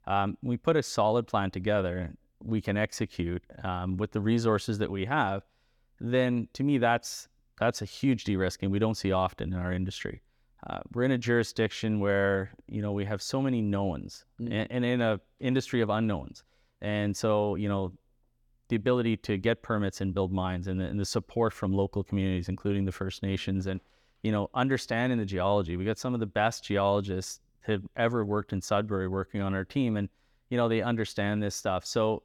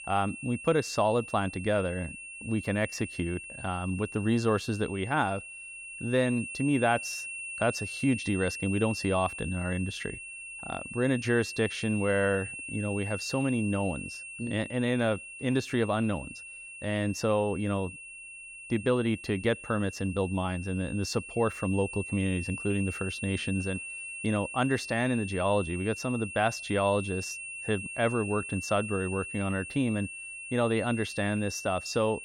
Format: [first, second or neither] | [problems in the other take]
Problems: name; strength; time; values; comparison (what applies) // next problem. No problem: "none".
first | high-pitched whine; loud; throughout; 2.5 kHz, 9 dB below the speech